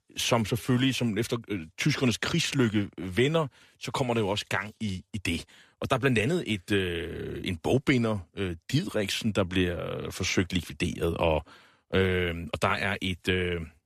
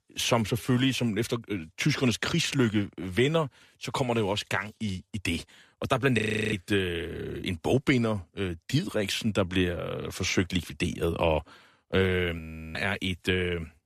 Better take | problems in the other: first | audio freezing; at 6 s and at 12 s

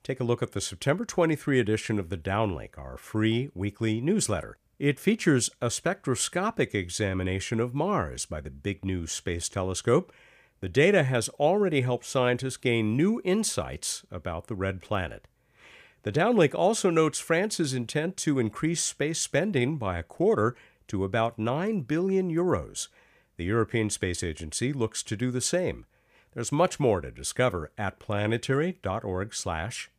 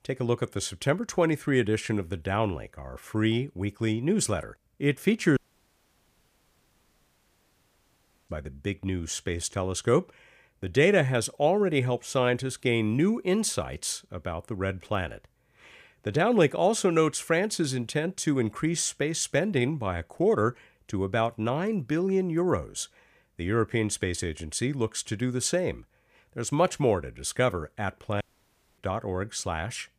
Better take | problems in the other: first | audio cutting out; at 5.5 s for 3 s and at 28 s for 0.5 s

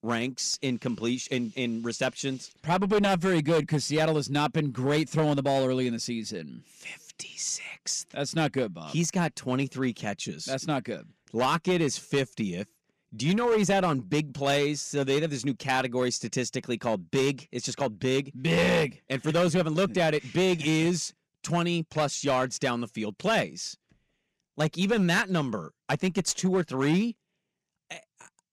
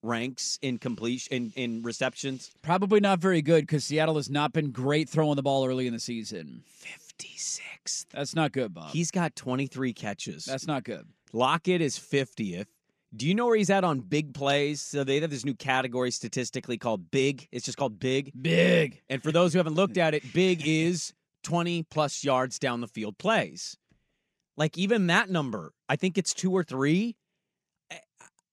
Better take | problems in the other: second | distortion; slight; 7% of the sound clipped

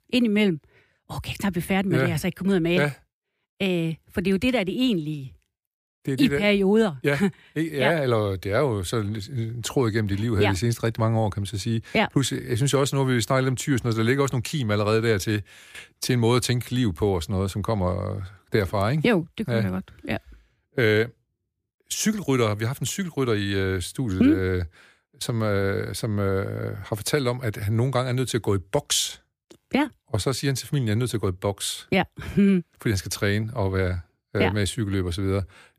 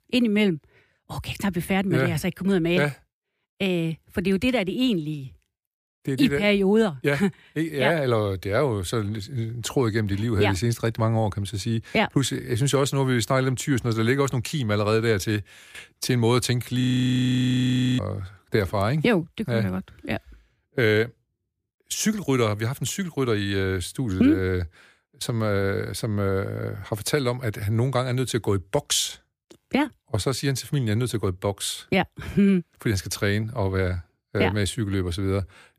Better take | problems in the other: first | audio freezing; at 17 s for 1 s

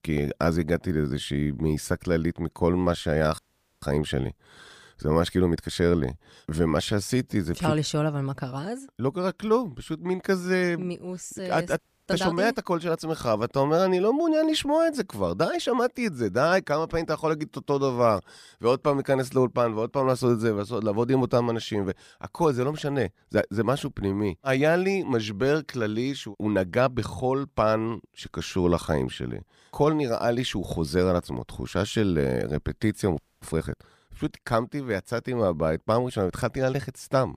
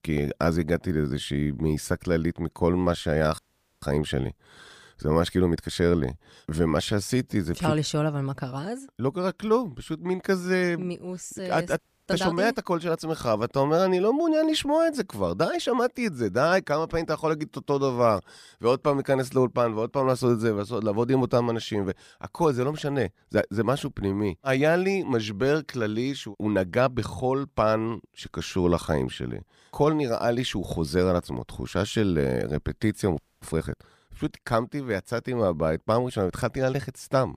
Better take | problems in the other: neither | audio freezing; at 3.5 s, at 12 s and at 33 s; the same in both

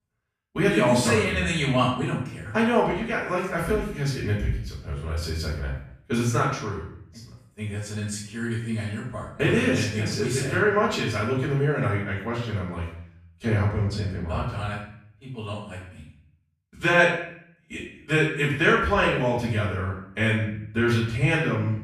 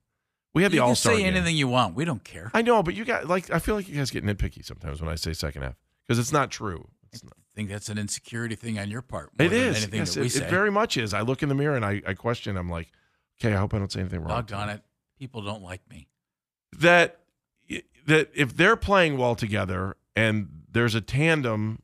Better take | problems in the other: second | off-mic speech; far // room echo; noticeable; dies away in 0.6 s

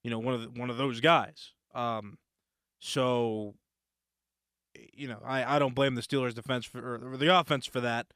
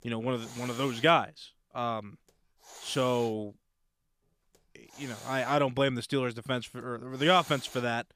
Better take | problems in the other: first | hiss; noticeable; throughout; 20 dB below the speech

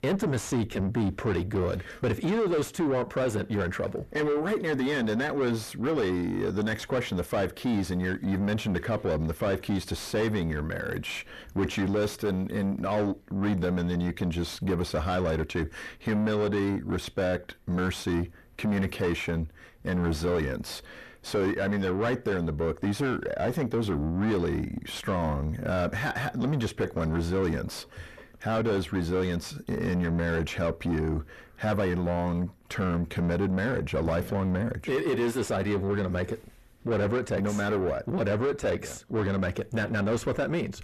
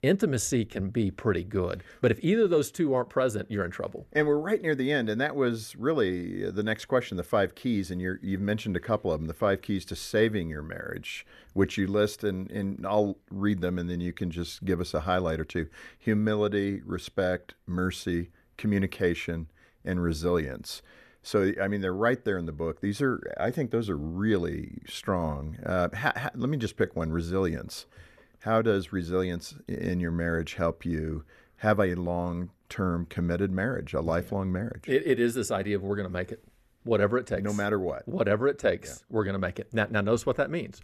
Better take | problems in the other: second | distortion; heavy; 6 dB below the speech

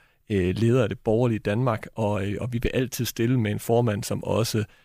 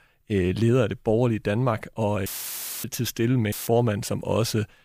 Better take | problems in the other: first | audio cutting out; filled with static; at 2.5 s for 0.5 s and at 3.5 s

